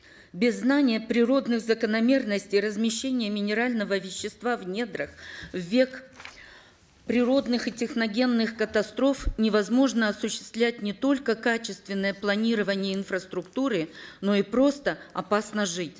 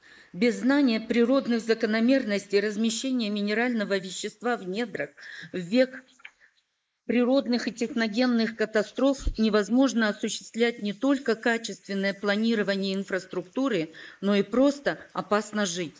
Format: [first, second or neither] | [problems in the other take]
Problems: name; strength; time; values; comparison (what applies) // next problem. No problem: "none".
first | noise reduction (neural mask model Resemble Enhance denoiser)